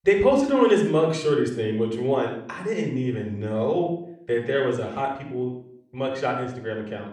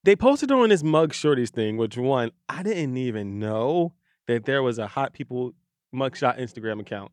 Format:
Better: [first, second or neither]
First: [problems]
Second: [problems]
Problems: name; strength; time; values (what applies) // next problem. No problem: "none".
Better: second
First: off-mic speech; somewhat distant // room echo; noticeable; dies away in 0.5 s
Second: none